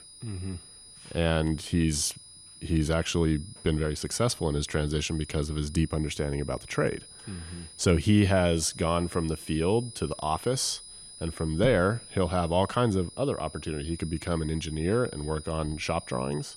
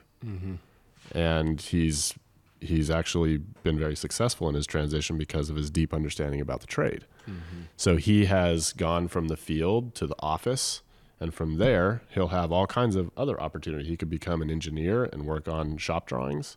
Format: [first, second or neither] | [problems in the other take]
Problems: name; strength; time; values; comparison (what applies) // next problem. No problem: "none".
second | high-pitched whine; noticeable; throughout; 9.5 kHz, 15 dB below the speech